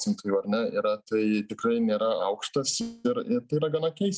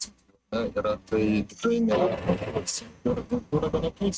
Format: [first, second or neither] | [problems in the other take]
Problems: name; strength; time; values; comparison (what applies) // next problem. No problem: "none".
first | noise reduction (neural mask model RNNoise)